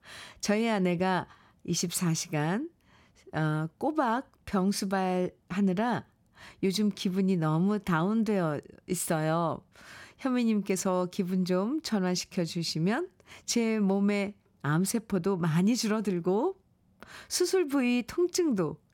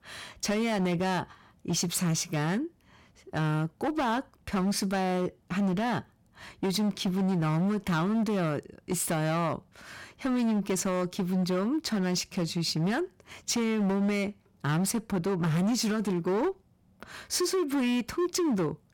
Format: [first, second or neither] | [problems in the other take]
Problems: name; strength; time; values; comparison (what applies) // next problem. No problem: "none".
first | distortion; slight; 18% of the sound clipped